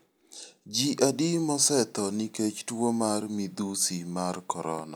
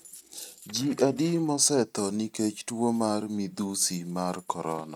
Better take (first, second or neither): first